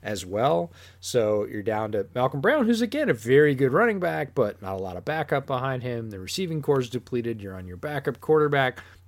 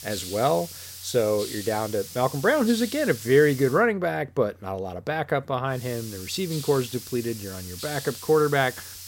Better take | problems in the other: first | hiss; noticeable; until 4 s and from 6 s on; 10 dB below the speech

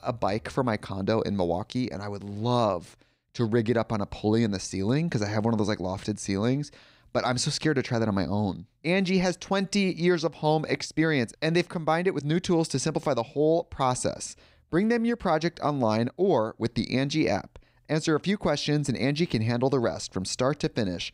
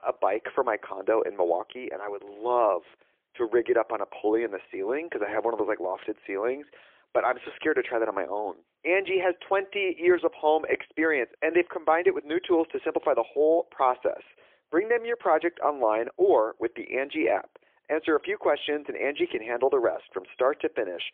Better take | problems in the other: first | phone-call audio; poor line; nothing above 3.5 kHz

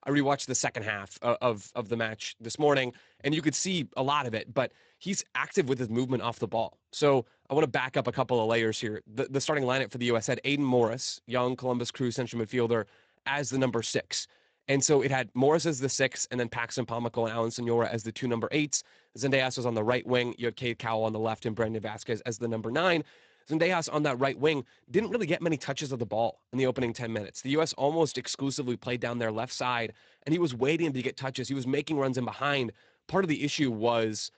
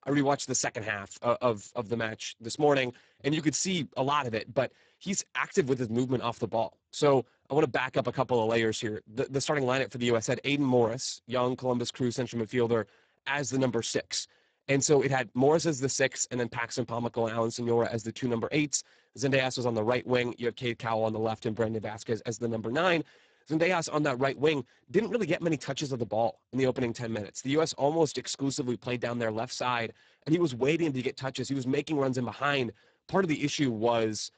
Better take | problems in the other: first | garbled, watery; badly; nothing above 7.5 kHz; slightly in the first

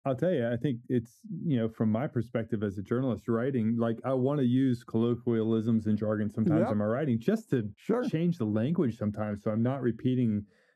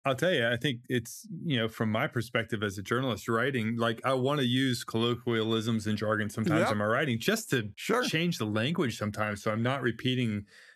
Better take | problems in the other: second | muffled; slightly; fading above 1 kHz

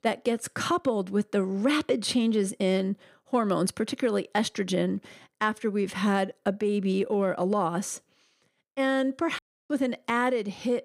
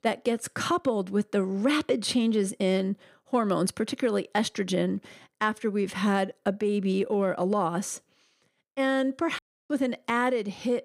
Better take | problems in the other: neither | audio cutting out; at 9.5 s; the same in both

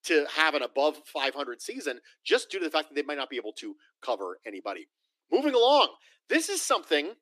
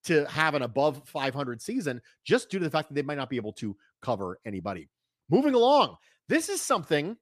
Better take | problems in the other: second | thin; somewhat; fading below 300 Hz

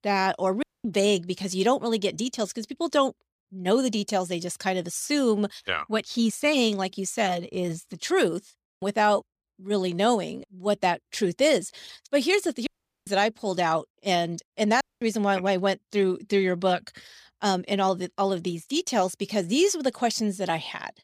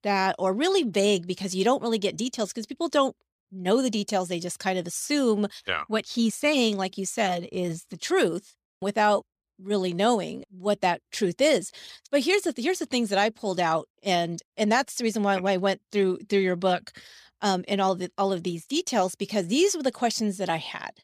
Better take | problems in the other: second | audio cutting out; at 0.5 s, at 13 s and at 15 s

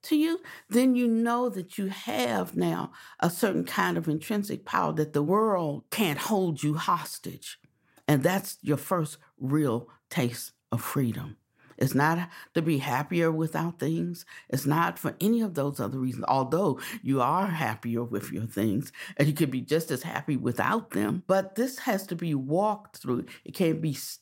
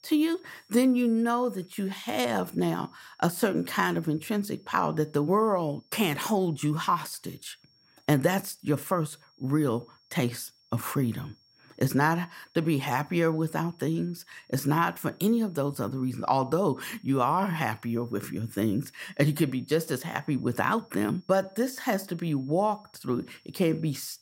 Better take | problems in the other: first | high-pitched whine; faint; throughout; 5.5 kHz, 35 dB below the speech

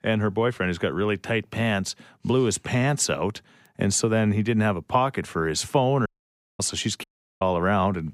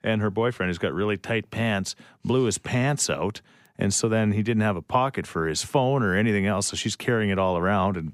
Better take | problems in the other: second | audio cutting out; at 6 s for 0.5 s and at 7 s

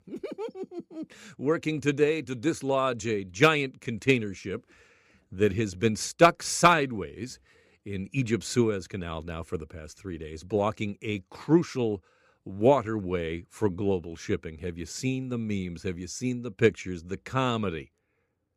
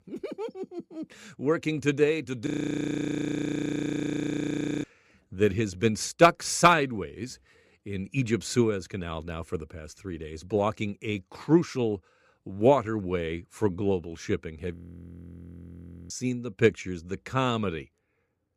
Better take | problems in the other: first | audio freezing; at 2.5 s for 2.5 s and at 15 s for 1.5 s

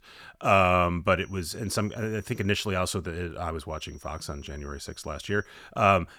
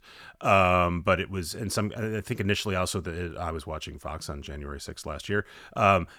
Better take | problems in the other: second | high-pitched whine; faint; from 1 to 2.5 s and from 3.5 to 5.5 s; 5.5 kHz, 30 dB below the speech

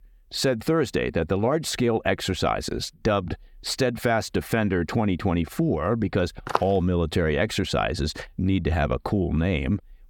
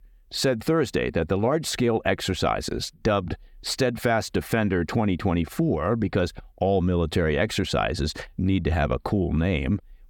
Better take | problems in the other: second | footsteps; noticeable; at 6.5 s; peak 4 dB below the speech

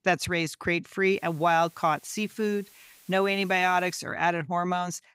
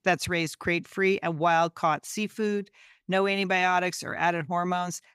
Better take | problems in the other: second | hiss; faint; from 1 to 4 s; 25 dB below the speech

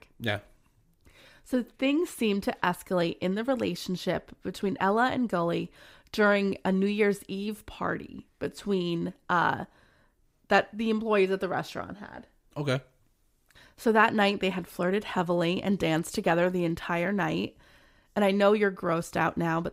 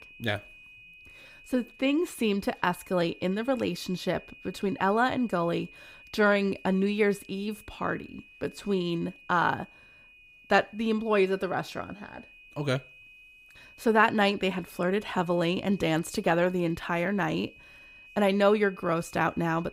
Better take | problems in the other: first | high-pitched whine; faint; throughout; 2.5 kHz, 20 dB below the speech

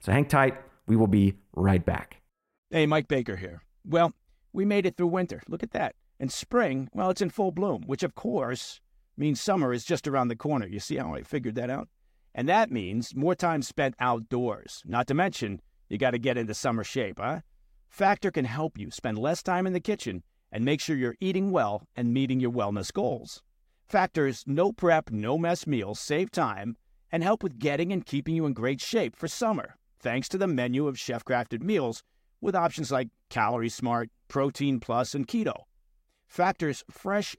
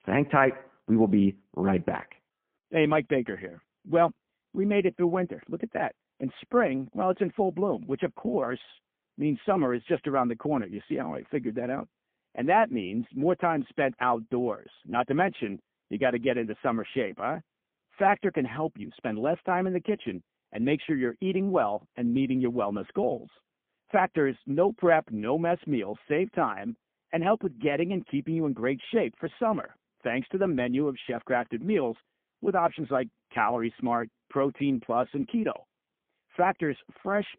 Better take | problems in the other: first | phone-call audio; poor line; nothing above 3.5 kHz

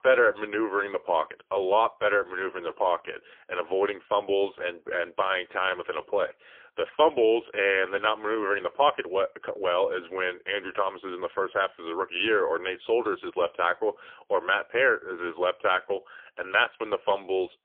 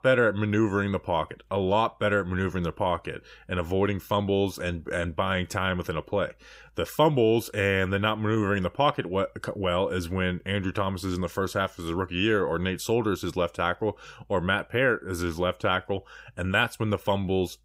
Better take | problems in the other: second | phone-call audio; poor line; nothing above 3.5 kHz

